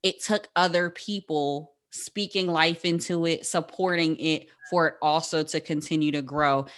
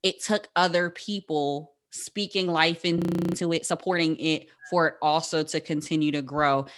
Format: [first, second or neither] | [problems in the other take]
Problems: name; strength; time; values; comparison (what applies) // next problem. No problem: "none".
first | audio freezing; at 3 s